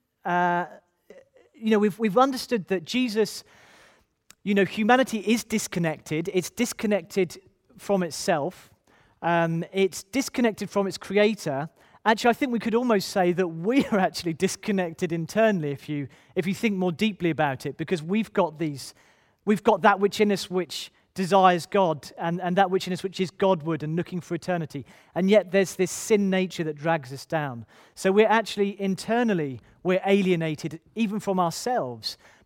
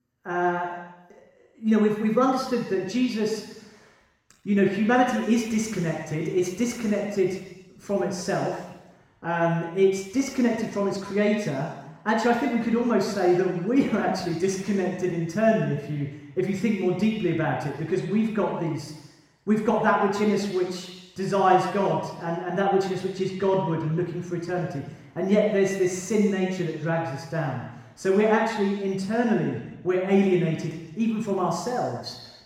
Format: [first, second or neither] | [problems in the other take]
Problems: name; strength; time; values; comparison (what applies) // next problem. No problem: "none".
first | room echo; noticeable; dies away in 1 s // off-mic speech; far